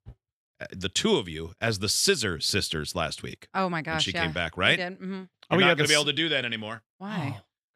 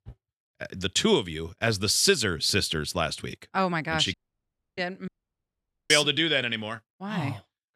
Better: first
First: none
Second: audio cutting out; at 4 s for 0.5 s and at 5 s for 1 s

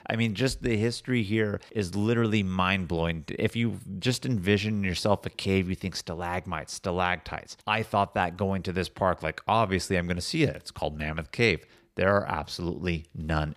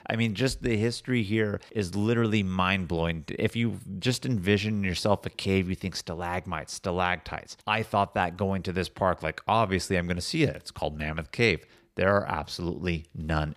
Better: neither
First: none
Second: none

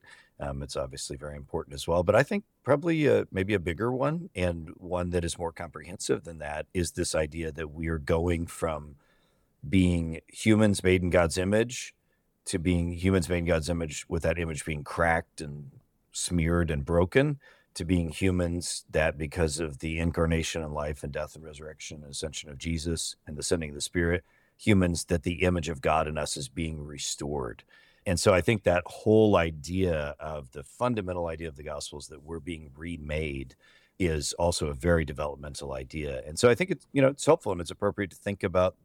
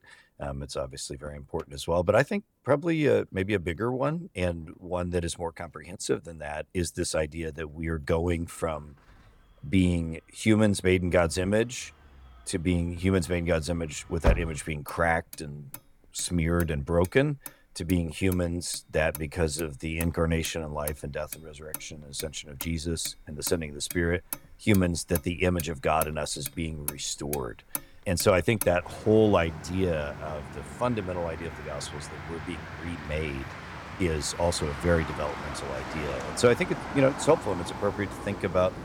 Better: first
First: none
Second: traffic noise; noticeable; throughout; 10 dB below the speech

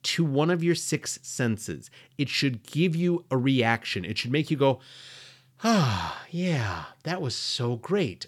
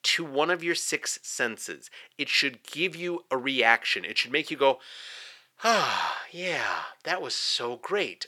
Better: first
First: none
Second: thin; very; fading below 550 Hz

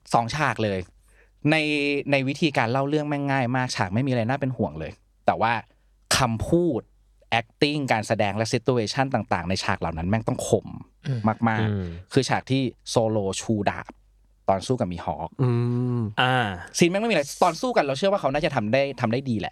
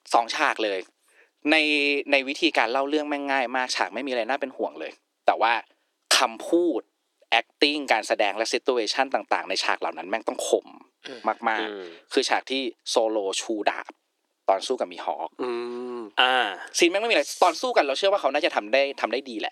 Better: first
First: none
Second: thin; somewhat; fading below 300 Hz

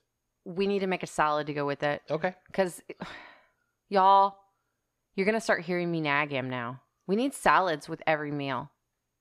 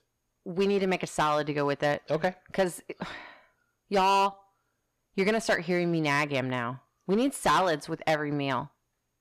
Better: first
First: none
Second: distortion; heavy; 5% of the sound clipped

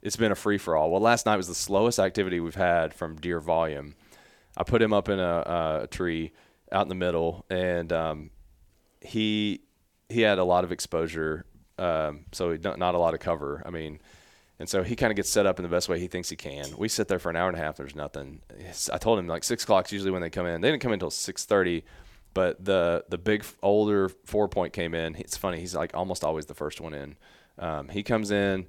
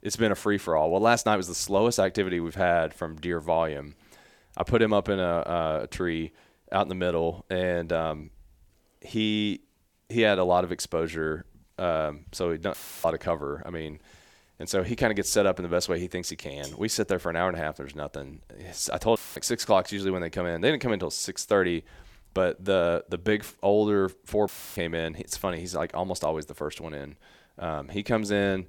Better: first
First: none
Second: audio cutting out; filled with static; at 13 s, at 19 s and at 24 s

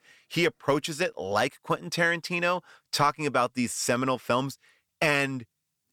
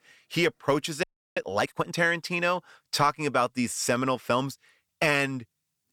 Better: first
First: none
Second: audio freezing; at 1 s

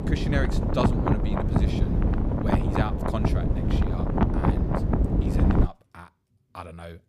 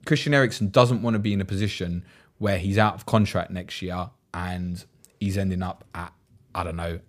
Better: second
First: wind noise on the microphone; heavy; until 5.5 s; 4 dB above the speech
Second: none

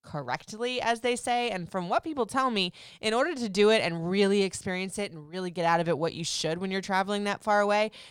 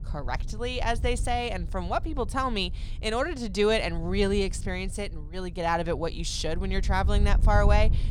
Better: first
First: none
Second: wind noise on the microphone; occasional gusts; 20 dB below the speech

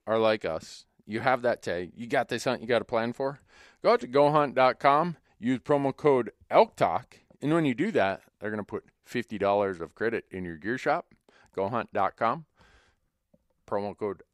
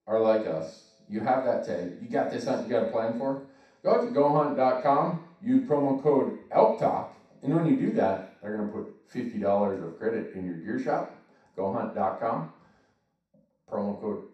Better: first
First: none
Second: room echo; noticeable; dies away in 0.7 s // off-mic speech; far

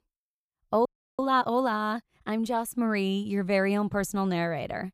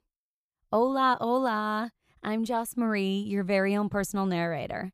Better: second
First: audio freezing; at 1 s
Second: none

